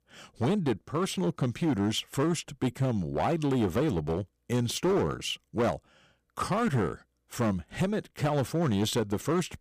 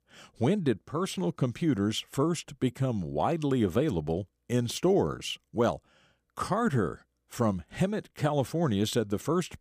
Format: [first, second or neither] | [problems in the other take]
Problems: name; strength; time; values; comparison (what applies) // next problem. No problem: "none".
second | distortion; slight; 10% of the sound clipped